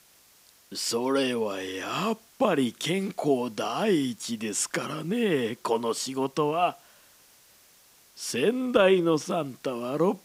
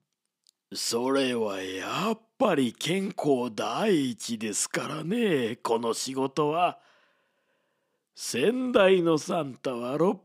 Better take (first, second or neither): second